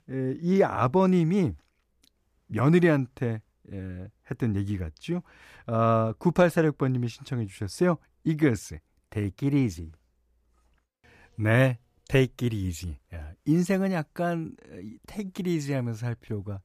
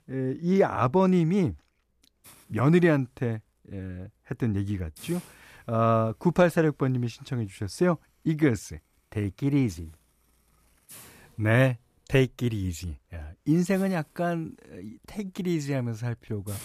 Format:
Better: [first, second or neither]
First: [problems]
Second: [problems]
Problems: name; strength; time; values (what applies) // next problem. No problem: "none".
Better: first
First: none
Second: hiss; faint; throughout; 25 dB below the speech